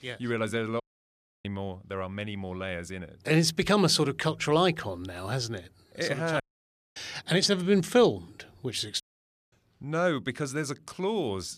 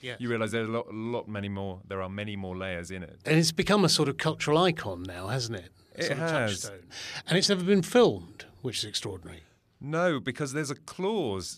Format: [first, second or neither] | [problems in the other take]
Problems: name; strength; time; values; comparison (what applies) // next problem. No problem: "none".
second | audio cutting out; at 1 s for 0.5 s, at 6.5 s for 0.5 s and at 9 s for 0.5 s